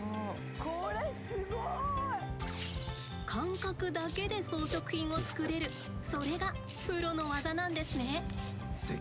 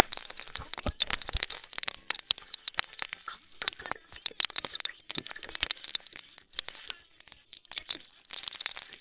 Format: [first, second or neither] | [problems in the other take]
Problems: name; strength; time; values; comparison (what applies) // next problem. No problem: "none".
first | noise reduction (neural separator model SepFormer WHAMR!)